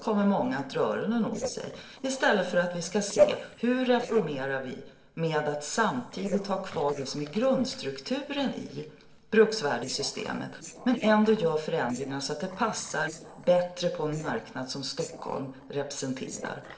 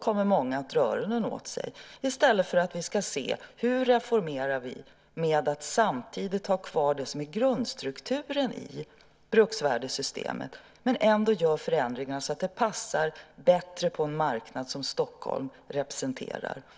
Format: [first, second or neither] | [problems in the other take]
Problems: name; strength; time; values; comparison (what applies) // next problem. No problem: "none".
second | noise reduction (neural separator model SepFormer DNS4)